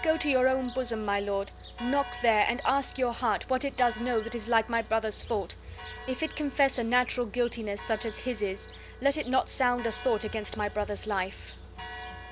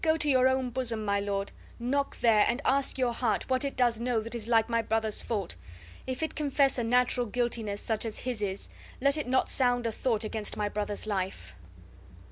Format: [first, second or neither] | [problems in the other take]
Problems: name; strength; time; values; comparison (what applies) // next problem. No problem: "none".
second | background sound (Church bell); 16 dB below the speech